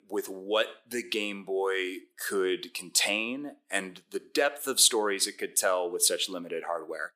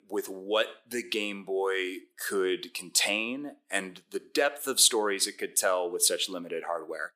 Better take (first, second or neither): neither